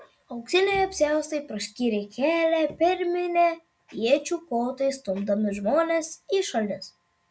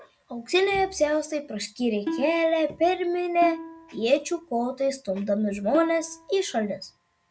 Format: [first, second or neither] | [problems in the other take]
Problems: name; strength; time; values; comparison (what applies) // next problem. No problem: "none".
first | background sound (Plucked string instrument); 10 dB below the speech